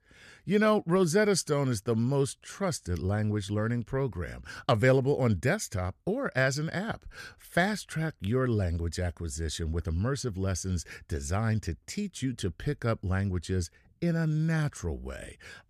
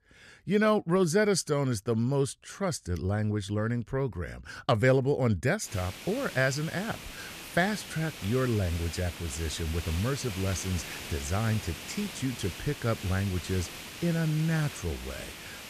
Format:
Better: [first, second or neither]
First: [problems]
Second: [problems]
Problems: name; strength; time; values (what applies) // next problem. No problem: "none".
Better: first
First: none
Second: hiss; noticeable; from 5.5 s on; 10 dB below the speech